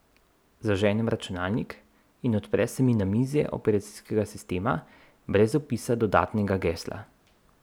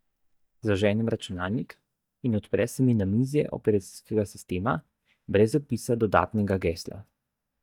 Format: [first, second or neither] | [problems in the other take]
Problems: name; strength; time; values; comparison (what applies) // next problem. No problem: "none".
first | noise reduction (neural mask model DeepFilterNet 3)